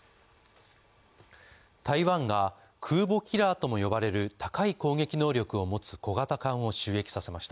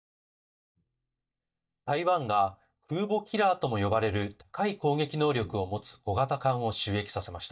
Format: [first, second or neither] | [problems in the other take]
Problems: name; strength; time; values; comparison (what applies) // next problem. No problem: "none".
first | noise reduction (neural mask model DeepFilterNet 3)